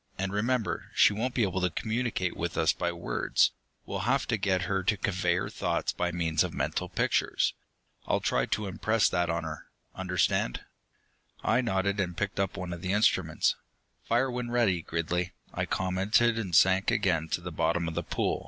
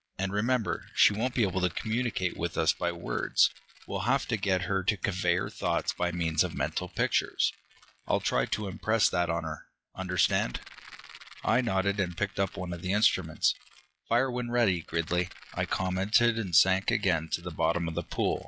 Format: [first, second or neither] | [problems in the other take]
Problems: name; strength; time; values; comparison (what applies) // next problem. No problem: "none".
first | noise reduction (classical method log-MMSE)